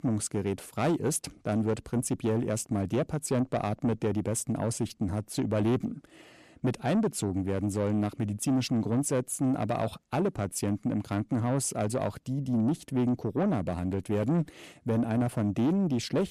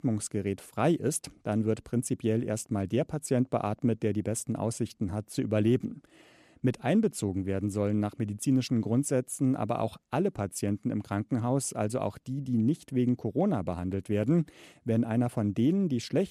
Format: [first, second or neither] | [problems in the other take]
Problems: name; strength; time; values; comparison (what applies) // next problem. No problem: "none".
second | distortion; slight; 10 dB below the speech